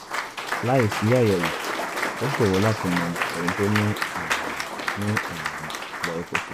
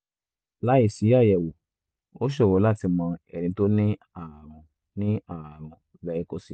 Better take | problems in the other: second | background sound (Applause / Cheering); 2 dB below the speech

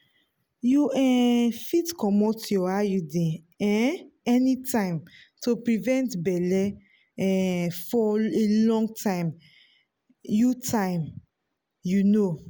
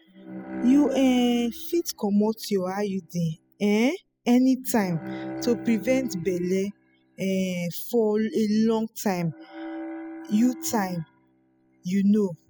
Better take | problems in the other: first | noise reduction (classical method spectral subtraction)

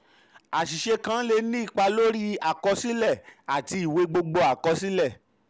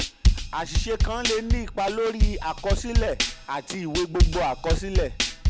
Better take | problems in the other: first | background sound (Drum kit); 5 dB above the speech

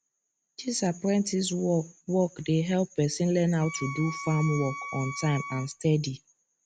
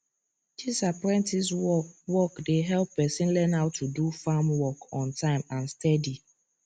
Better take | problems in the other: second | background sound (Wind instrument, woodwind instrument); 11 dB below the speech

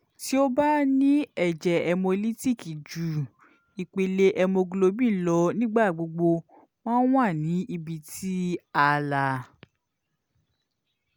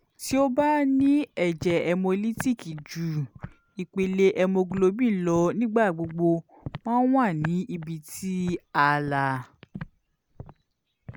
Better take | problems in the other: first | background sound (Walk, footsteps); 19 dB below the speech

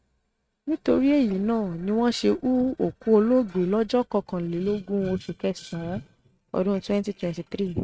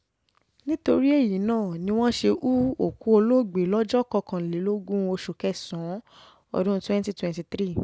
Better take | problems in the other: second | noise reduction (neural mask model RNNoise)

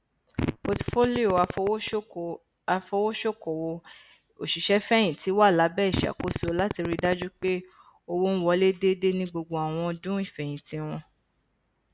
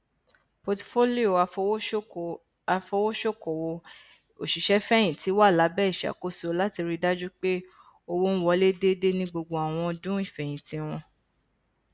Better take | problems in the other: second | background sound (Fart); 6 dB below the speech

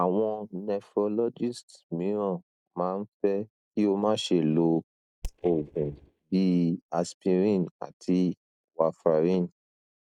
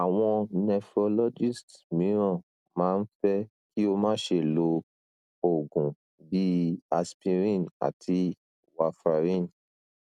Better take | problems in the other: second | noise reduction (neural mask model DeepFilterNet 3)

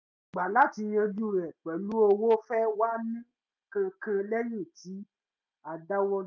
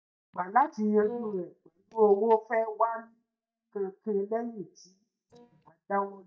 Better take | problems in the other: first | noise reduction (neural mask model DeepFilterNet 3)

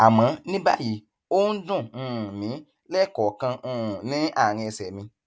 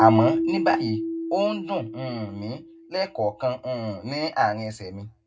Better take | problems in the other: first | background sound (Keyboard (musical)); 4 dB below the speech // room echo; dies away in 0.3 s

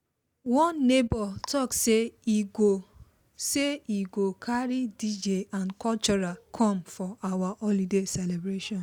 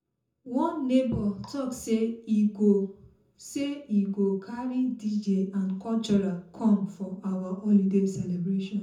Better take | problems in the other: first | room echo; dies away in 0.5 s

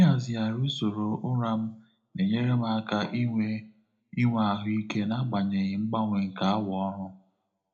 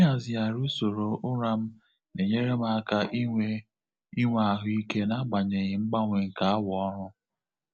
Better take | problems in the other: second | room echo; dies away in 0.3 s

